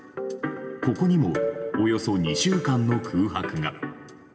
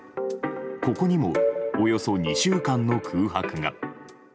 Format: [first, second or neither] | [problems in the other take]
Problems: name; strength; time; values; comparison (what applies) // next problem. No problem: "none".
second | room echo; dies away in 1.5 s